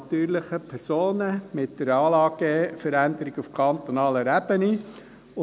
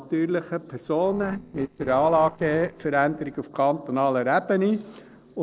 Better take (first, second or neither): first